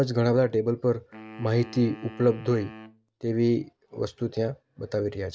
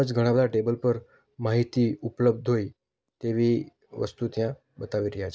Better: second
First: background sound (Wind instrument, woodwind instrument); 19 dB below the speech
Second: none

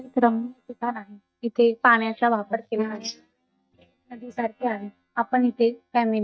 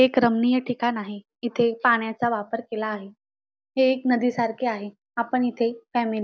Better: second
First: noise reduction (neural mask model DeepFilterNet 3)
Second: none

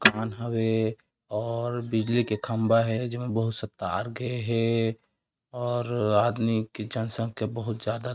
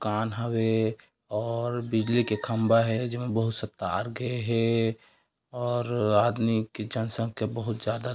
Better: second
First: noise reduction (neural mask model RNNoise)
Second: none

